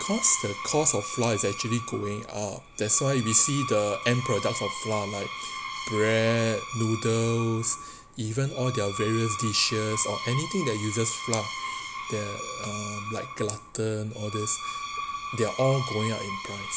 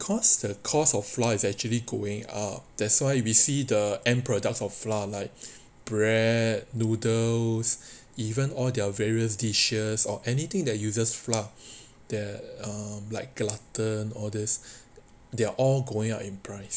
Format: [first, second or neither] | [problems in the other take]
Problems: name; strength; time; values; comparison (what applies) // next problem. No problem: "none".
second | background sound (Screech); 8 dB below the speech